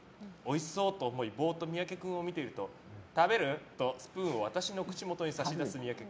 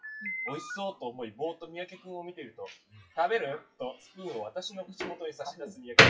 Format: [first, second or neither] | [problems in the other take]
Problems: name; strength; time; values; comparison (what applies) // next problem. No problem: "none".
first | noise reduction (classical method WPE with log-MMSE)